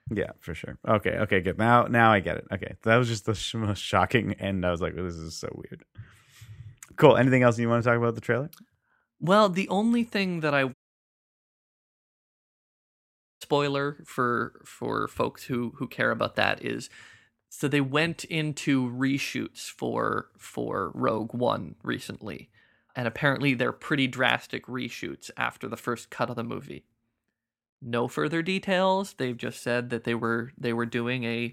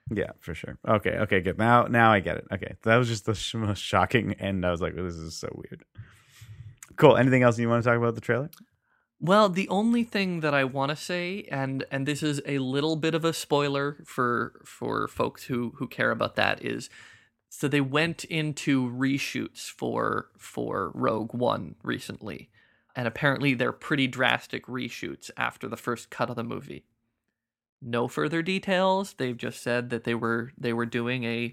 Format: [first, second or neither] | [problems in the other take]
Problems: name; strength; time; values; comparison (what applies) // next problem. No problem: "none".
second | audio cutting out; at 11 s for 2.5 s